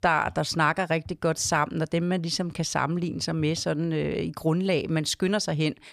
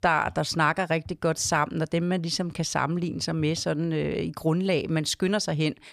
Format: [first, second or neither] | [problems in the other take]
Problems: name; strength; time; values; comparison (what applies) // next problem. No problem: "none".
neither | none